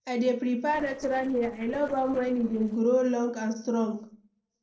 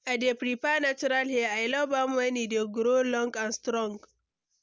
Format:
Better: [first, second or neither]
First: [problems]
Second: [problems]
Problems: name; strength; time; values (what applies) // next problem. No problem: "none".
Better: second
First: noise reduction (neural separator model SepFormer DNS4)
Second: none